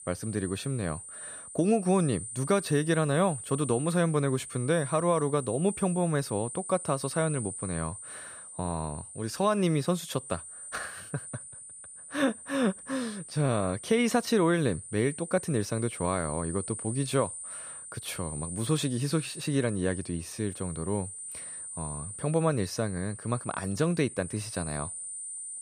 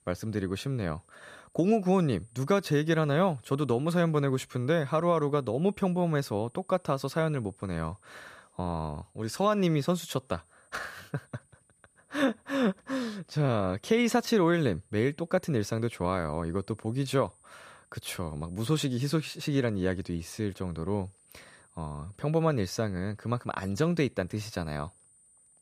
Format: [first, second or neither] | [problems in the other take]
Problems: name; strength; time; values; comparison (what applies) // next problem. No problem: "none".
second | high-pitched whine; loud; throughout; 9 kHz, 9 dB below the speech; faint in the second